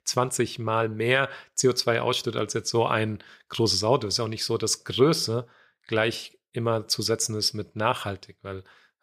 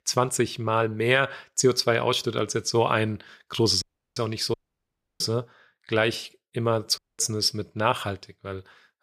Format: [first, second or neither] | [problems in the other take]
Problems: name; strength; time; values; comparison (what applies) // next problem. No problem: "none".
first | audio cutting out; at 4 s, at 4.5 s for 0.5 s and at 7 s